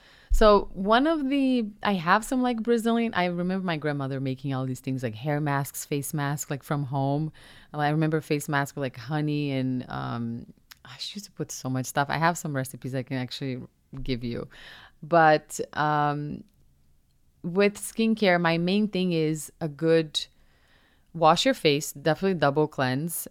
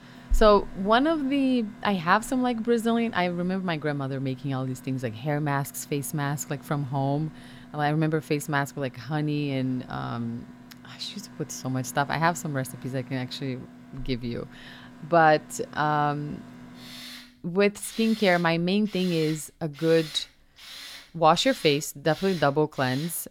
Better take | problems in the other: first | machinery noise; noticeable; throughout; 20 dB below the speech

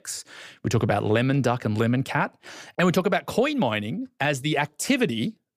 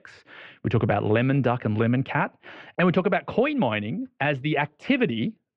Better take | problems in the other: first | muffled; very; fading above 3 kHz

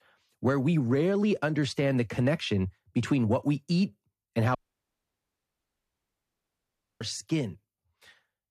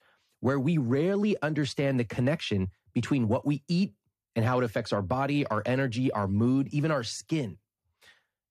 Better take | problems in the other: second | audio cutting out; at 4.5 s for 2.5 s

